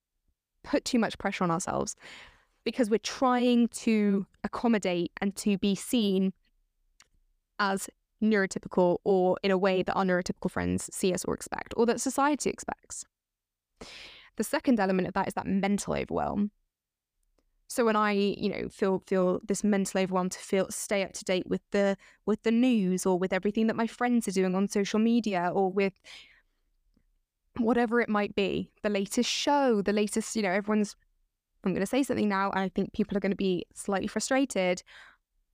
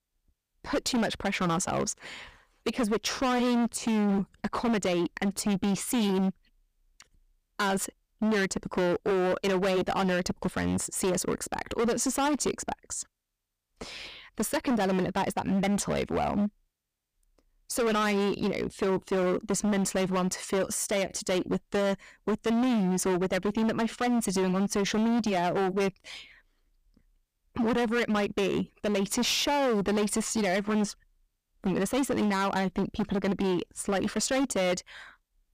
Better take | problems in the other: first | distortion; heavy; 19% of the sound clipped

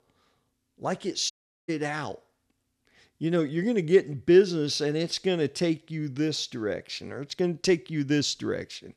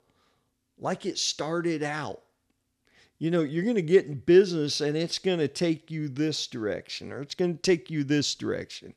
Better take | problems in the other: second | audio cutting out; at 1.5 s

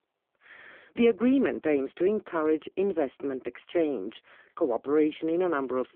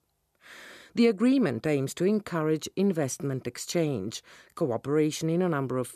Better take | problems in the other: second | phone-call audio; poor line; nothing above 8 kHz

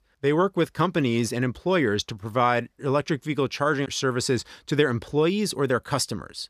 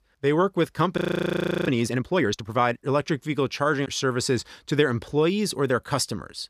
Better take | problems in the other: first | audio freezing; at 1 s for 0.5 s

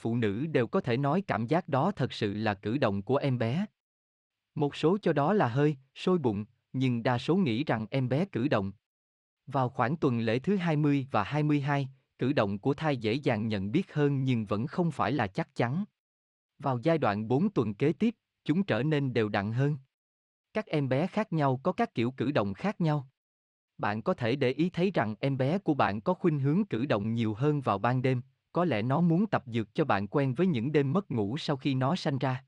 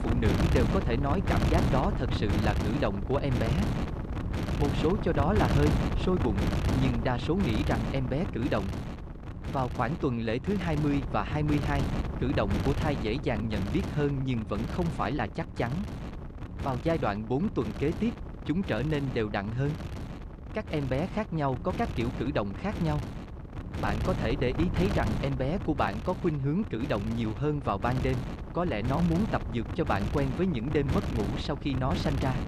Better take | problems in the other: first | wind noise on the microphone; heavy; 6 dB below the speech

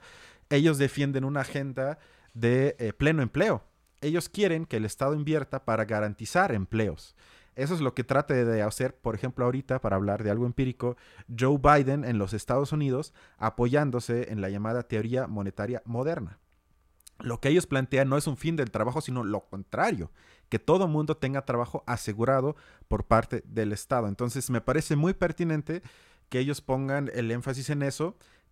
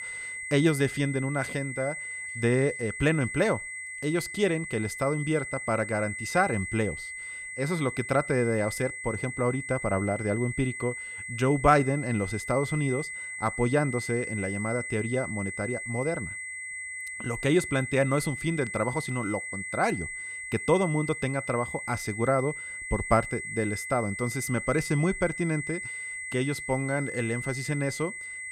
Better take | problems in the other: first | high-pitched whine; loud; throughout; 2 kHz, 7 dB below the speech

